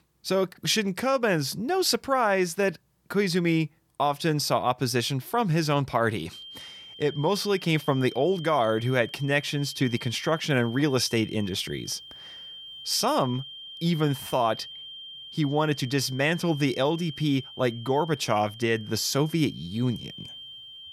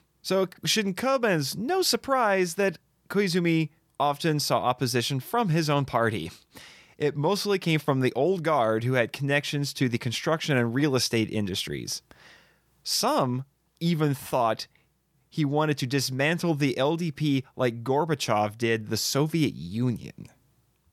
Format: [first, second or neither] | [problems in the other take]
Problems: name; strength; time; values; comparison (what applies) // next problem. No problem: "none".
second | high-pitched whine; noticeable; from 6.5 s on; 3 kHz, 15 dB below the speech